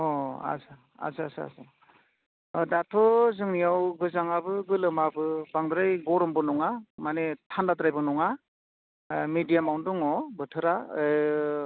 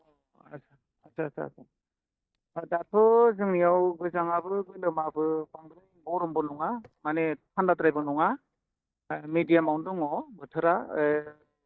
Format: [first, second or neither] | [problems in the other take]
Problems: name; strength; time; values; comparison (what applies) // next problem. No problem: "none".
first | noise reduction (neural mask model DeepFilterNet 3)